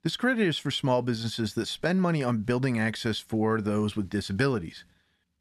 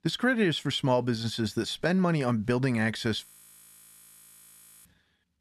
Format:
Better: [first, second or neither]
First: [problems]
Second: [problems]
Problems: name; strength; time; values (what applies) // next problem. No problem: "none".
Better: first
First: none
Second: audio freezing; at 3.5 s for 1.5 s